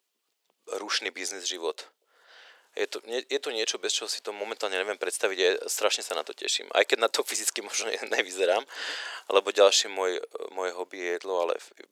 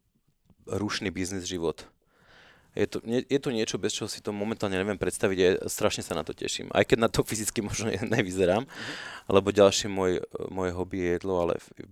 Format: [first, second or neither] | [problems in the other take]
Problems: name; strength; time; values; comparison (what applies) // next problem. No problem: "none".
second | thin; very; fading below 450 Hz